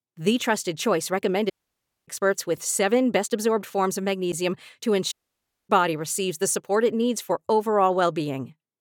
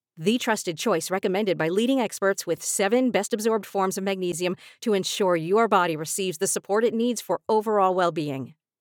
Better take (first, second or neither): second